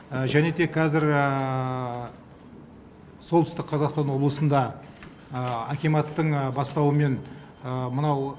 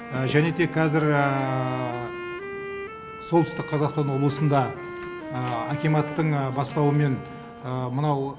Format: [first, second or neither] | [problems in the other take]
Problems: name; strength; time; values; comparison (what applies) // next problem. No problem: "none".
first | background sound (Wind instrument, woodwind instrument); 11 dB below the speech